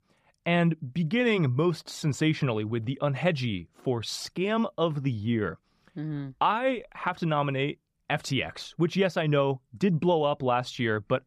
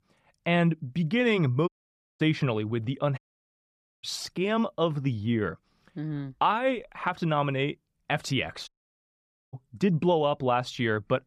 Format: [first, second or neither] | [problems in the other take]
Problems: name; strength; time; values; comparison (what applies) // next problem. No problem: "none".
first | audio cutting out; at 1.5 s for 0.5 s, at 3 s for 1 s and at 8.5 s for 1 s